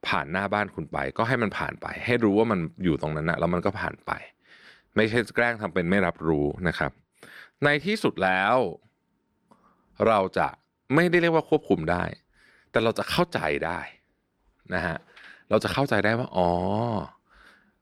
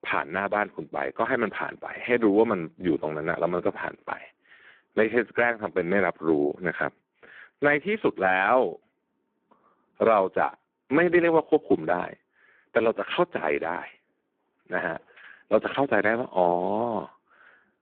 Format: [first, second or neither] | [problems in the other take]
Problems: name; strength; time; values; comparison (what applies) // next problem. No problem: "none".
first | phone-call audio; poor line